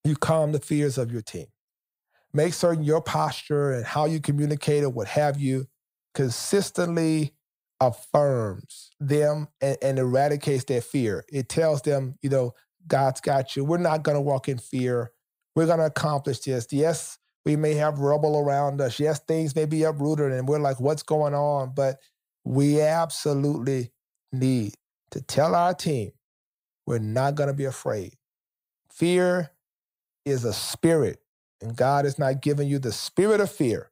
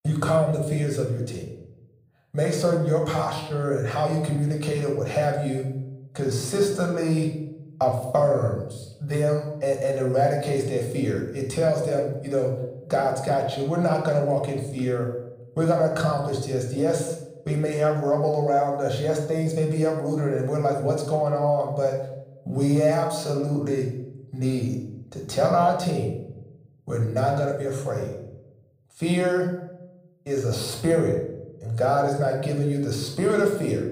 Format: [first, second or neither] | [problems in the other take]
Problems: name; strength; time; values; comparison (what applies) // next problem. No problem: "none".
first | room echo; noticeable; dies away in 0.7 s // off-mic speech; somewhat distant